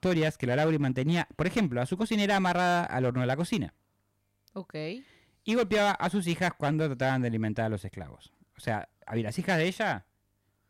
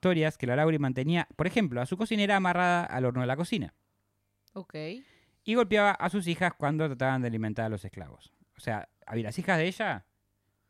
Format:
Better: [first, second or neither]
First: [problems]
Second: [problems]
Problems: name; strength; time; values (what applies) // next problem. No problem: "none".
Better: second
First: distortion; slight; 6% of the sound clipped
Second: none